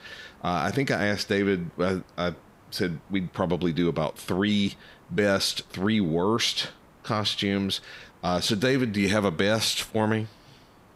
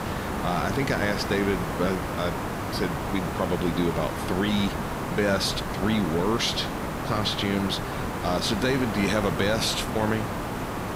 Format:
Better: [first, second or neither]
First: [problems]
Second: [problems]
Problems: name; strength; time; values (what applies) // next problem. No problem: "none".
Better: first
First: hiss; faint; throughout; 30 dB below the speech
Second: hiss; loud; throughout; 3 dB below the speech